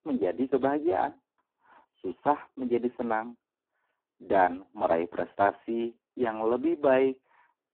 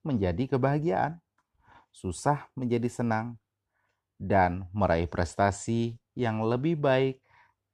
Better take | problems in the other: second | phone-call audio; poor line; nothing above 3.5 kHz

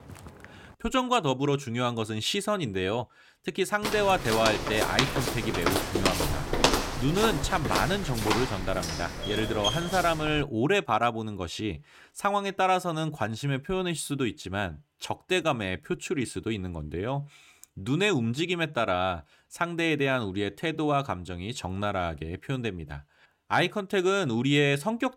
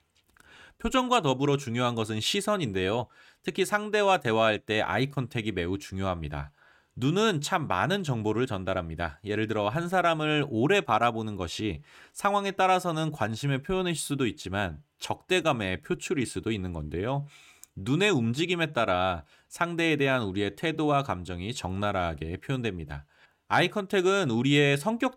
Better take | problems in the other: second | footsteps; faint; at the start; peak 20 dB below the speech // footsteps; loud; from 4 to 10 s; peak 4 dB above the speech

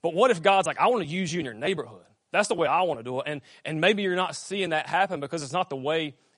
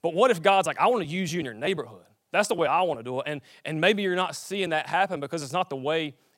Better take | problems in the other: second | garbled, watery; slightly; nothing above 10.5 kHz

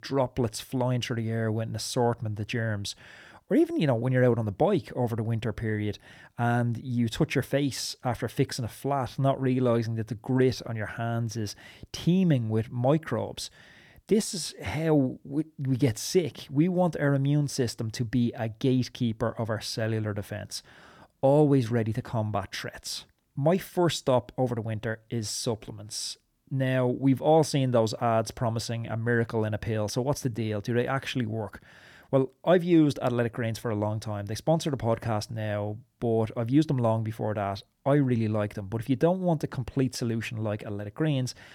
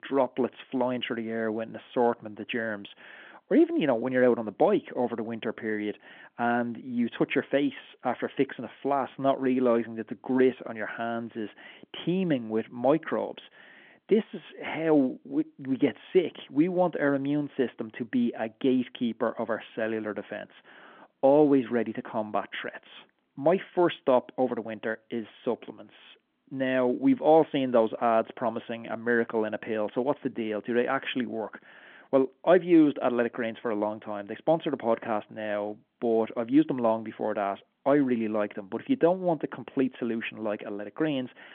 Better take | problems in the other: first | phone-call audio; nothing above 3.5 kHz

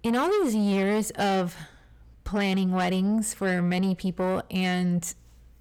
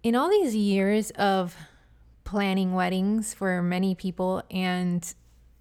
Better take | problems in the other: second | distortion; slight; 10 dB below the speech

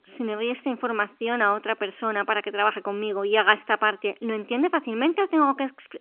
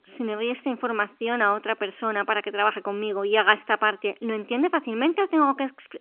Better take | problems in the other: neither | phone-call audio; nothing above 3 kHz; the same in both

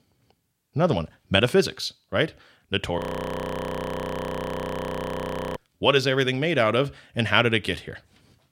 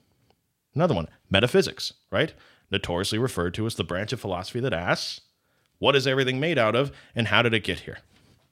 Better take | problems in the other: second | audio freezing; at 3 s for 2.5 s

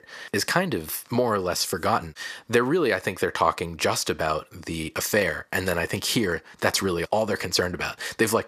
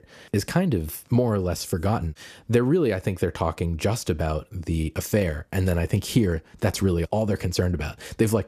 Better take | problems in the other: second | thin; somewhat; fading below 600 Hz

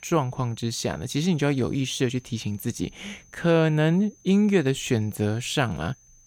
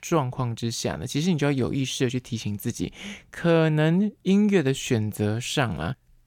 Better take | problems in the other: second | high-pitched whine; faint; throughout; 6.5 kHz, 30 dB below the speech

